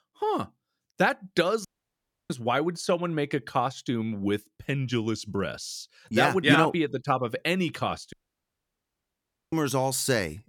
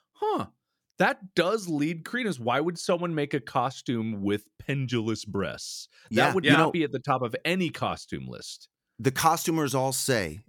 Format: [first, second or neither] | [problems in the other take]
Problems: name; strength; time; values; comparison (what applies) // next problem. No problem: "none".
second | audio cutting out; at 1.5 s for 0.5 s and at 8 s for 1.5 s